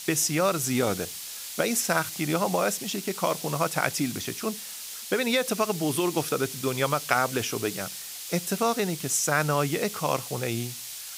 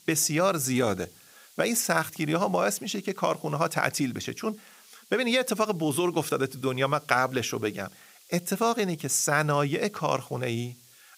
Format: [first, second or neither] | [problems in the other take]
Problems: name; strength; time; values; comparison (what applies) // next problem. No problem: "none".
second | hiss; loud; throughout; 8 dB below the speech; faint in the second